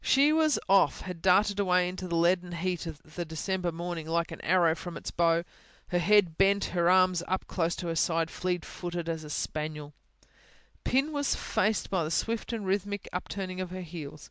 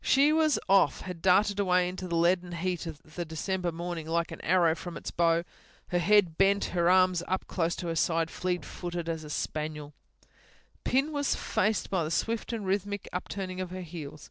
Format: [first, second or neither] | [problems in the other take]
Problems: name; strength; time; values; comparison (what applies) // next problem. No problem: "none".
first | noise reduction (neural separator model SepFormer DNS4)